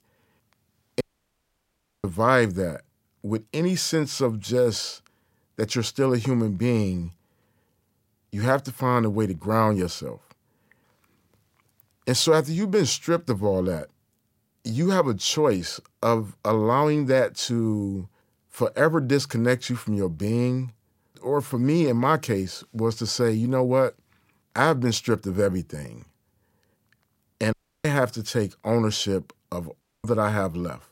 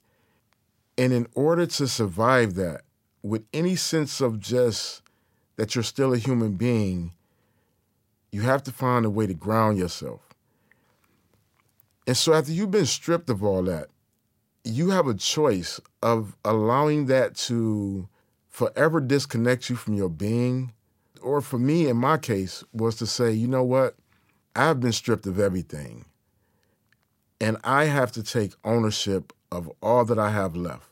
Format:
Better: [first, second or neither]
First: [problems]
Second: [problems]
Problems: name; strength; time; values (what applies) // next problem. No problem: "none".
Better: second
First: audio cutting out; at 1 s for 1 s, at 28 s and at 30 s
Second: none